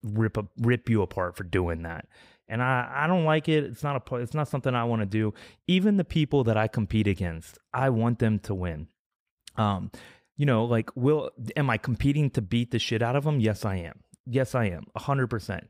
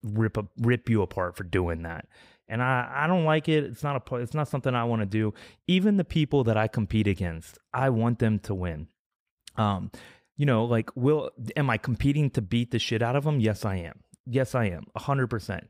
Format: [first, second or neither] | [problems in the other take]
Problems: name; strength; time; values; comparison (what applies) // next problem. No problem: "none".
neither | none